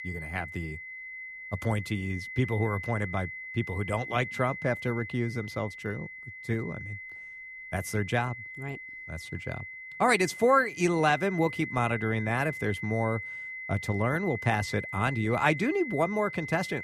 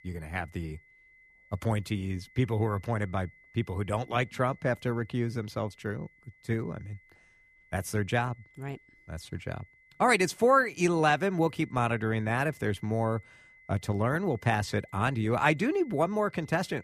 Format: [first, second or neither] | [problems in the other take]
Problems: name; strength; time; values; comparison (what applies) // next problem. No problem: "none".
second | high-pitched whine; loud; throughout; 2 kHz, 9 dB below the speech; faint in the second